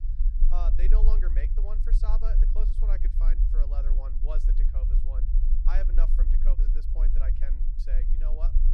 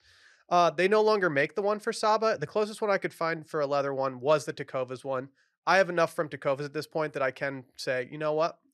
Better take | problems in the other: second | low rumble; loud; throughout; 6 dB below the speech

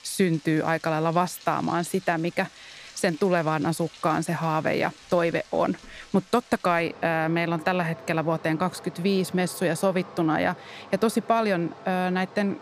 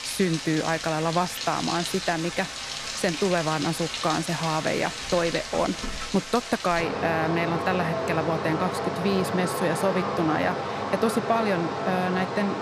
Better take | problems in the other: first | rain or running water; loud; throughout; 4 dB below the speech; faint in the first

